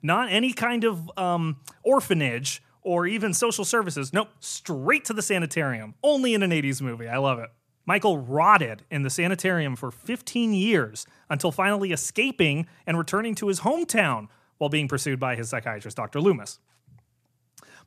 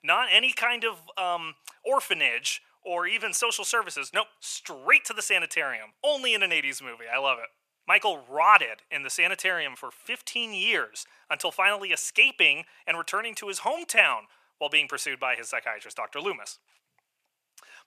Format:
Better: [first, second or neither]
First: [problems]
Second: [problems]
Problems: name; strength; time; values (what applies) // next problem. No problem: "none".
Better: first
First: none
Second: thin; very; fading below 700 Hz